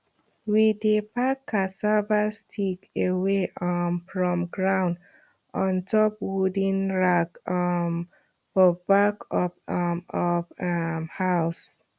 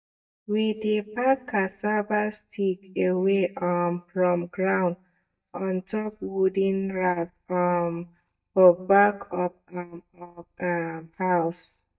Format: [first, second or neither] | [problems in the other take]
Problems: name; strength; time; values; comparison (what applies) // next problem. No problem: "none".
first | noise reduction (neural mask model DeepFilterNet 3)